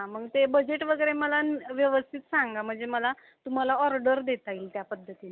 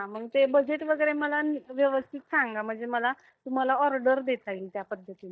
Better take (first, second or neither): first